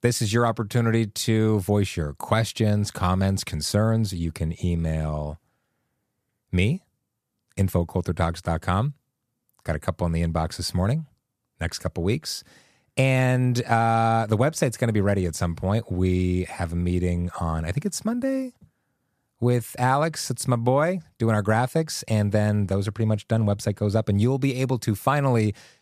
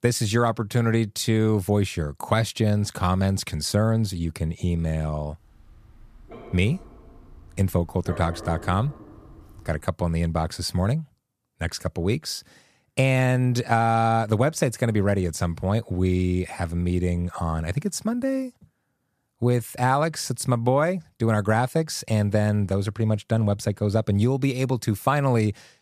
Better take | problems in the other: first | dog barking; faint; from 5.5 to 10 s; peak 15 dB below the speech

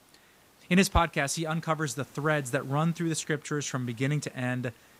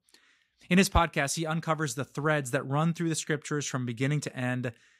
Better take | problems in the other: second | hiss; faint; throughout; 25 dB below the speech

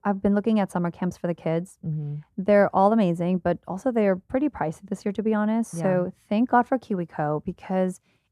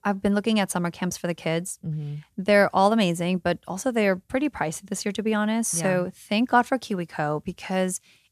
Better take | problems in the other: second | muffled; very; fading above 2 kHz

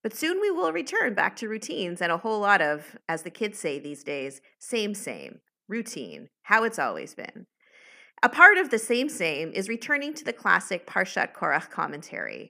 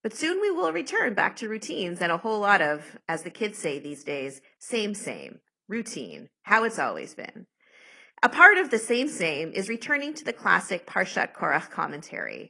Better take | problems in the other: first | garbled, watery; slightly; nothing above 10 kHz

